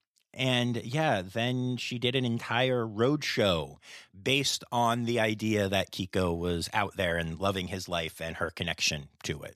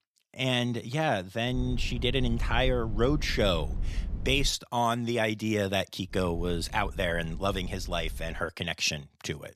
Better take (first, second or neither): first